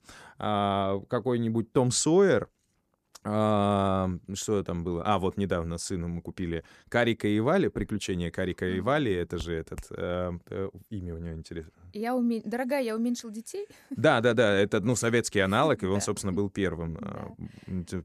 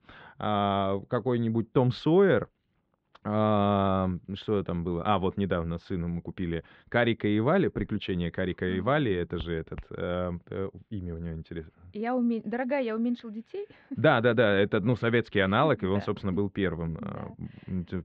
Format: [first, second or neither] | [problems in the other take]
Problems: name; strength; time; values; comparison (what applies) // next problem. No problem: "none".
first | muffled; very; fading above 3.5 kHz